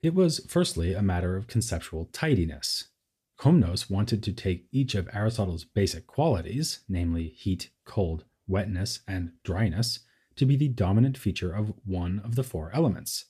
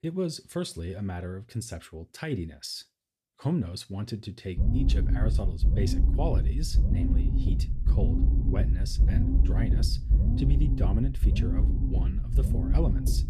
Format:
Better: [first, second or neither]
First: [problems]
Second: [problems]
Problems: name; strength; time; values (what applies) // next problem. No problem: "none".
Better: first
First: none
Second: low rumble; loud; from 4.5 s on; 2 dB below the speech